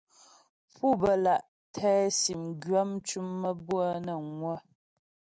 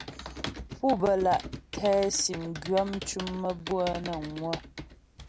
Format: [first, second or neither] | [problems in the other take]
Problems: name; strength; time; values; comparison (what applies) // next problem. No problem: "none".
first | background sound (Computer keyboard); 11 dB below the speech